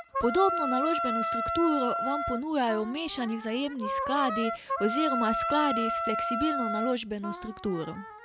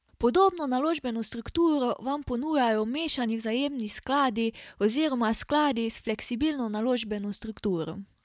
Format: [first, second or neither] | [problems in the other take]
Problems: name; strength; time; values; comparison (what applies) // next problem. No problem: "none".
second | background sound (Wind instrument, woodwind instrument); 2 dB below the speech